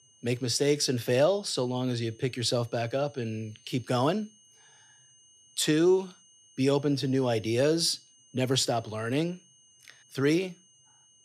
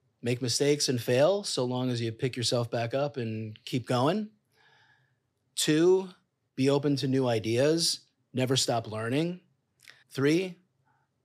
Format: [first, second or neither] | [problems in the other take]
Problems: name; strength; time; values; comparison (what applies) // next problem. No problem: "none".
second | high-pitched whine; faint; throughout; 6.5 kHz, 30 dB below the speech